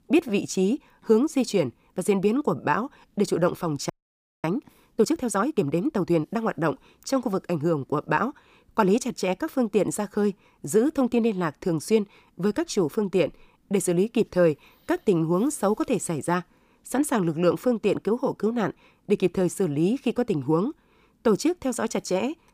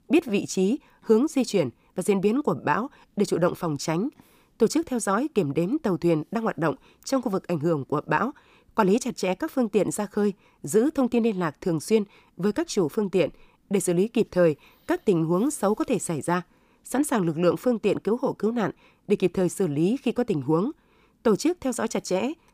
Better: second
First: audio freezing; at 4 s for 0.5 s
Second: none

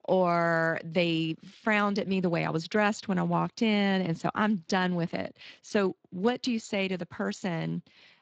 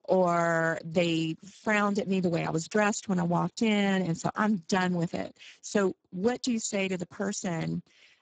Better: first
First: garbled, watery; slightly; nothing above 7.5 kHz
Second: garbled, watery; badly; nothing above 7.5 kHz

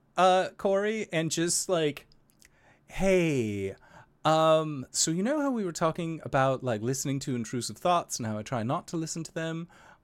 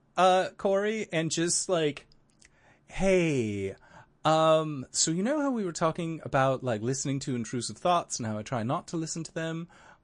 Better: first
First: none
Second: garbled, watery; slightly; nothing above 8.5 kHz

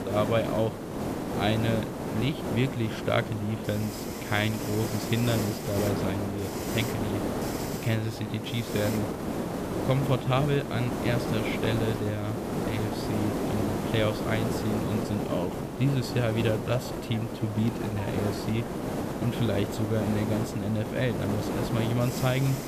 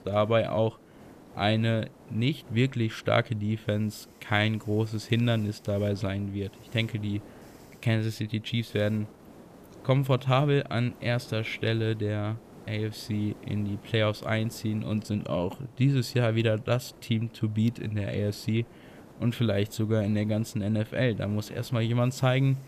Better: second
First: hiss; loud; throughout; 2 dB below the speech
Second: hiss; faint; throughout; 20 dB below the speech

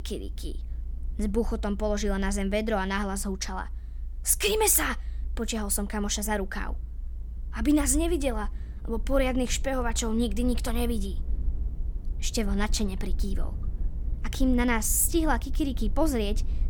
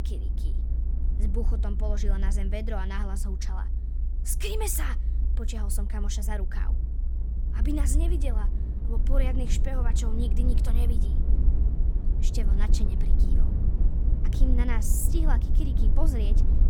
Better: first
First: low rumble; faint; throughout; 25 dB below the speech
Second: low rumble; loud; throughout; 7 dB below the speech

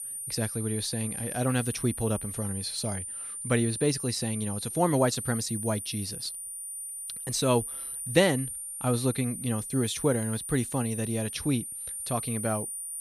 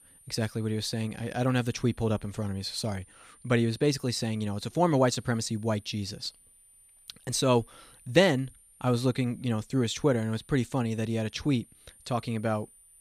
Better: second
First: high-pitched whine; loud; throughout; 9.5 kHz, 5 dB below the speech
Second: high-pitched whine; faint; throughout; 9.5 kHz, 25 dB below the speech

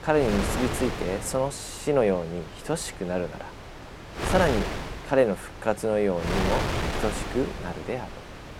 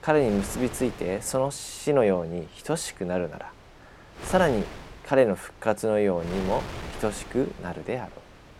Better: second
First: wind noise on the microphone; heavy; 6 dB below the speech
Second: wind noise on the microphone; occasional gusts; 15 dB below the speech

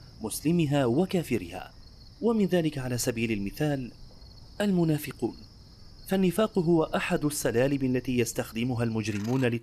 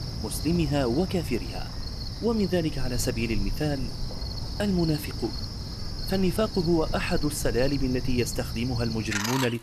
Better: first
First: animal sounds; faint; throughout; 20 dB below the speech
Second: animal sounds; loud; throughout; 6 dB below the speech

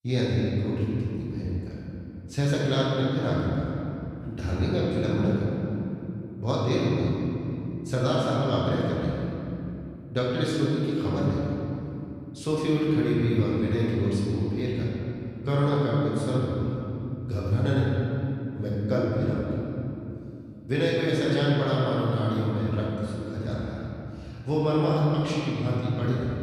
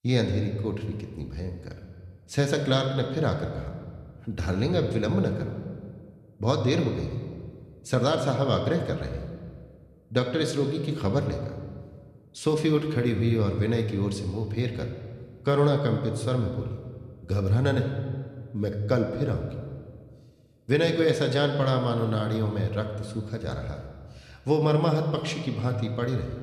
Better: second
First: room echo; strong; dies away in 3 s // off-mic speech; far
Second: room echo; slight; dies away in 1.5 s

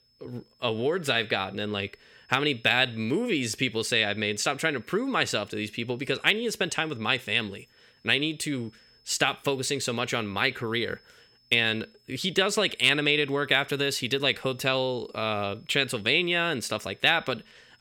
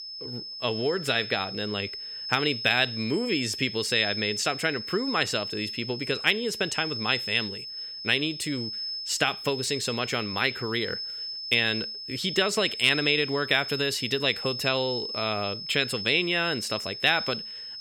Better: first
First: high-pitched whine; faint; throughout; 5 kHz, 35 dB below the speech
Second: high-pitched whine; loud; throughout; 5 kHz, 7 dB below the speech

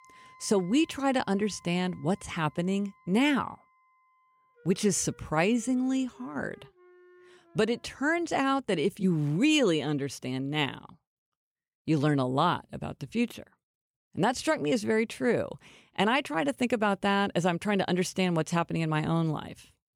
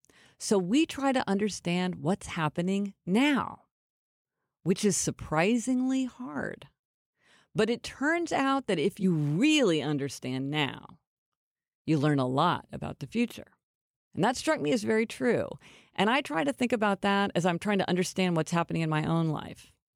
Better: second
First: background music; faint; until 8 s; 30 dB below the speech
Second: none

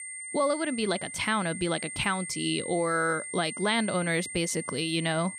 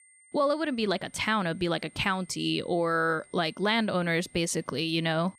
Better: second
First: high-pitched whine; loud; throughout; 2 kHz, 8 dB below the speech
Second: high-pitched whine; faint; throughout; 2 kHz, 25 dB below the speech

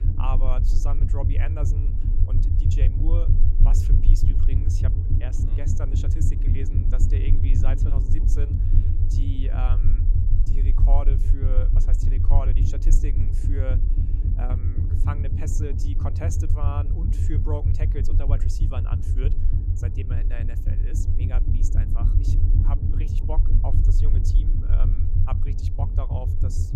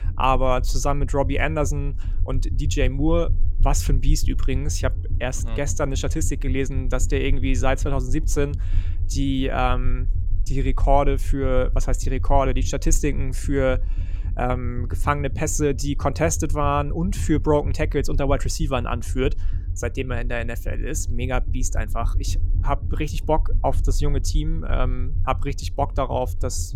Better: second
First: low rumble; loud; throughout; 1 dB below the speech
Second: low rumble; faint; throughout; 20 dB below the speech

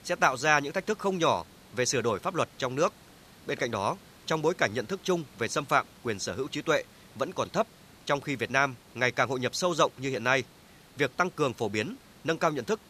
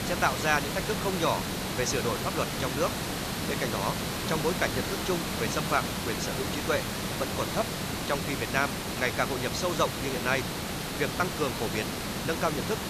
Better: first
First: hiss; faint; throughout; 25 dB below the speech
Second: hiss; loud; throughout; 1 dB below the speech

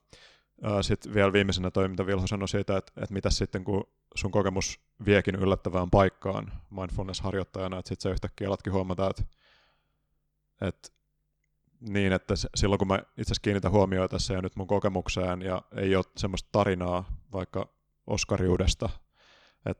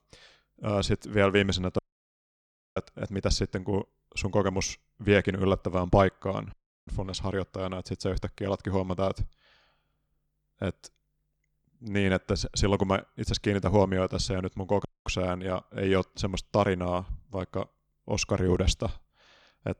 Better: first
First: none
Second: audio cutting out; at 2 s for 1 s, at 6.5 s and at 15 s

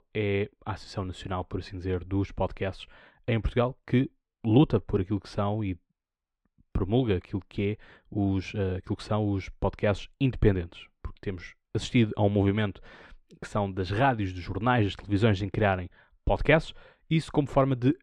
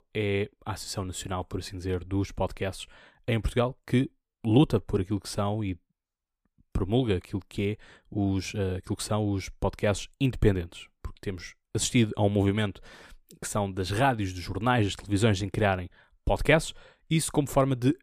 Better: second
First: muffled; slightly; fading above 3 kHz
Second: none

